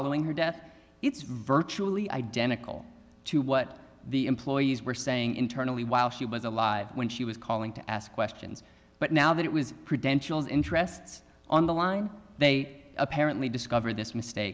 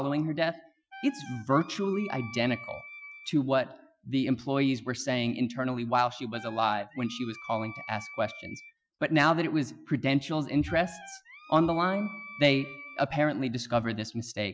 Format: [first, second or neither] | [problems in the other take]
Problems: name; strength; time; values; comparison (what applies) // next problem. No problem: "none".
first | noise reduction (classical method Wiener filter)